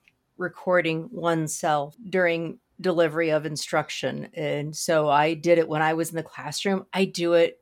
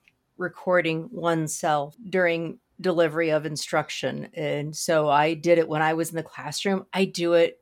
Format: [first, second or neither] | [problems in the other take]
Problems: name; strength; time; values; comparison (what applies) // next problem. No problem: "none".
neither | none